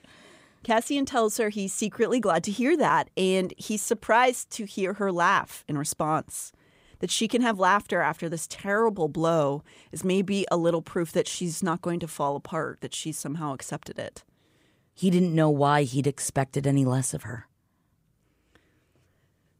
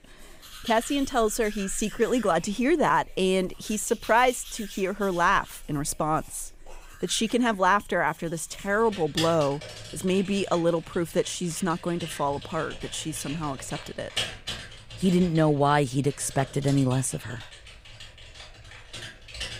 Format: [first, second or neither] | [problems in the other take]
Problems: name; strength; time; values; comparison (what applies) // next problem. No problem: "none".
first | household noises; noticeable; throughout; 15 dB below the speech